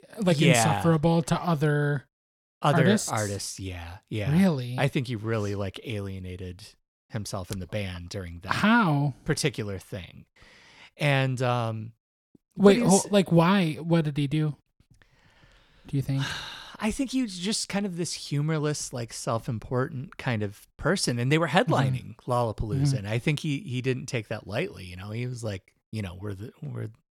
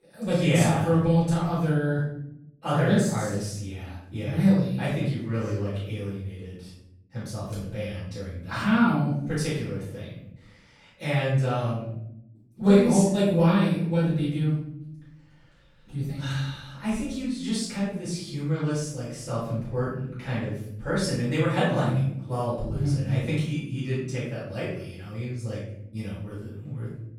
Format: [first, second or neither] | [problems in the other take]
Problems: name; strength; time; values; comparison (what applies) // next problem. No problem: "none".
first | off-mic speech; far // room echo; noticeable; dies away in 0.8 s